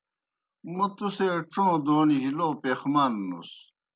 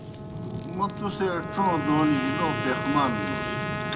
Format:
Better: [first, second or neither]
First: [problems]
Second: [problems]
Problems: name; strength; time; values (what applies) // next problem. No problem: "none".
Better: first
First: none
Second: background sound (Trumpet + Fire); 3 dB below the speech